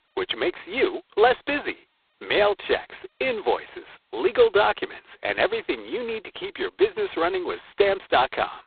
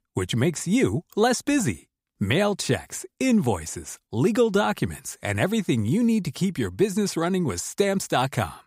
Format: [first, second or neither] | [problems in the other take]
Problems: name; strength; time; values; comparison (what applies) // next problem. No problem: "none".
second | phone-call audio; poor line; nothing above 4 kHz